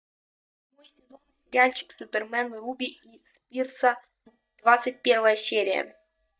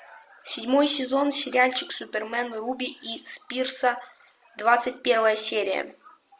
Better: second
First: noise reduction (neural mask model DeepFilterNet 3)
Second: none

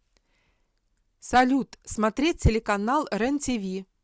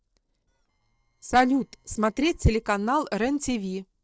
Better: first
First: none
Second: noise reduction (neural separator model SepFormer DNS4)

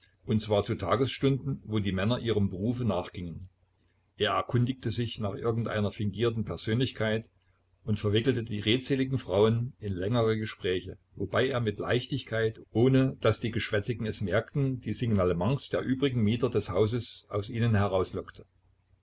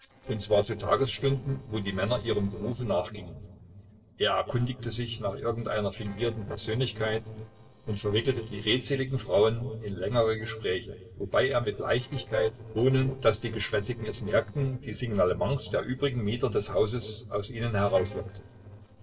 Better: first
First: none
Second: noise reduction (neural separator model SepFormer DNS4)

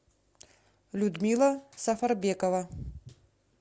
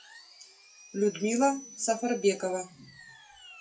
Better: first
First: none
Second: noise reduction (classical method WPE with log-MMSE)

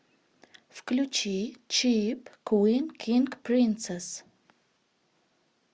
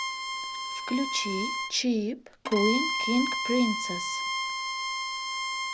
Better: first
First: none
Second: background sound (Bowed string instrument); 1 dB below the speech

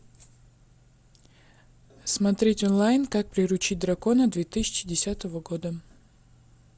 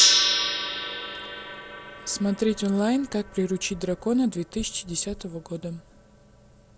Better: first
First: none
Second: background sound (Gong); 1 dB below the speech

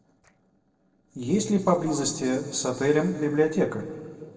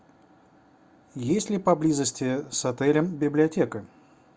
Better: second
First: noise reduction (neural separator model SepFormer DNS4)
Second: none

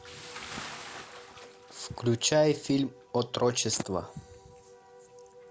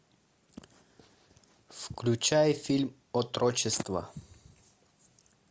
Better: second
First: background sound (Bathtub (filling or washing) / Splash, splatter + Wind instrument, woodwind instrument); 16 dB below the speech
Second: none

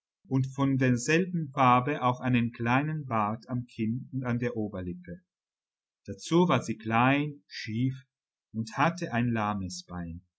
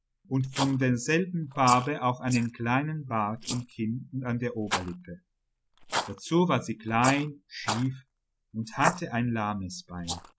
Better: first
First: none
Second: noise reduction (neural mask model Resemble Enhance denoiser)

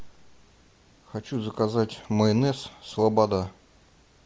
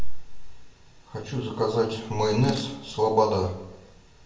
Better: first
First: none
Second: background sound (Mechanisms); 19 dB below the speech // room echo; dies away in 0.6 s

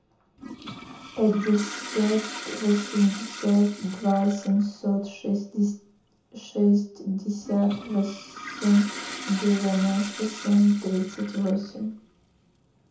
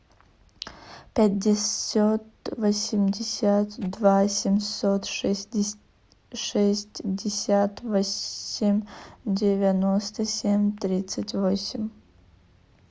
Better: second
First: background sound (Toilet flush); 15 dB below the speech // room echo; dies away in 0.5 s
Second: none

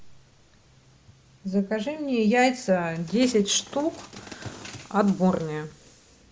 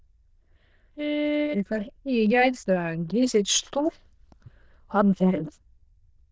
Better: first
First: none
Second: noise reduction (neural diffusion model UNIVERSE++)

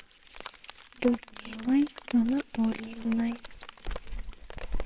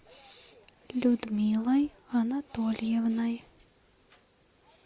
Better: second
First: noise reduction (neural separator model SepFormer WHAMR!)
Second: none

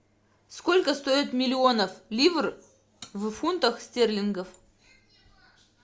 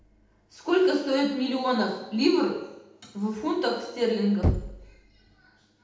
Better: first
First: none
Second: background sound (Knock); 9 dB below the speech // room echo; dies away in 0.8 s

